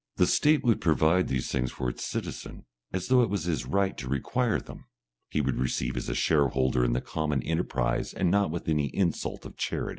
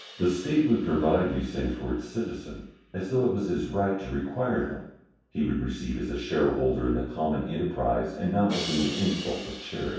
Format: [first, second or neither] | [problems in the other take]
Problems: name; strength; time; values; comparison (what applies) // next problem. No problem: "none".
first | background sound (Crash cymbal); 16 dB below the speech // room echo; dies away in 0.7 s